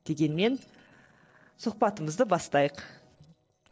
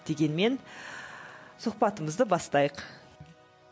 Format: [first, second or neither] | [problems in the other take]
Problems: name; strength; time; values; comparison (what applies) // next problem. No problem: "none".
second | noise reduction (neural separator model SepFormer DNS4)